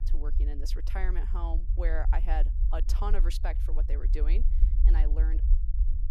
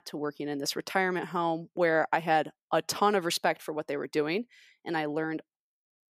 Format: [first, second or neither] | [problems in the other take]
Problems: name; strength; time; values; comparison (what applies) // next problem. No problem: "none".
second | low rumble; noticeable; throughout; 10 dB below the speech